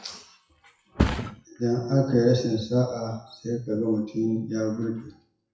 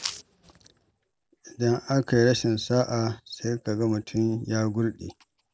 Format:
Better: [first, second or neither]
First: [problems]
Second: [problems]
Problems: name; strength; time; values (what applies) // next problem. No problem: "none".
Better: second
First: noise reduction (classical method WPE with log-MMSE)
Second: none